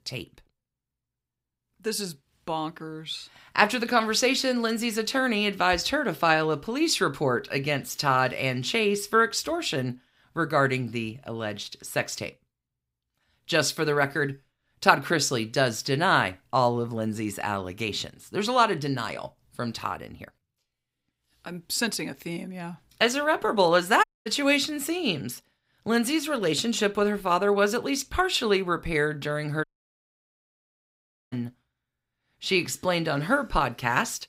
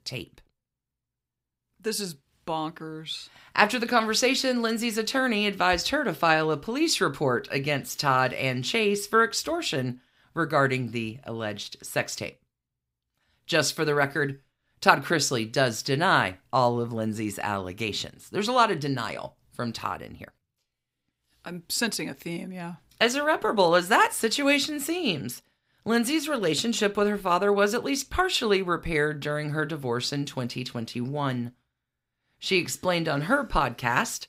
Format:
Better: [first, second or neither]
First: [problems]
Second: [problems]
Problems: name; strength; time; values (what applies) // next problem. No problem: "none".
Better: second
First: audio cutting out; at 24 s and at 30 s for 1.5 s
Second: none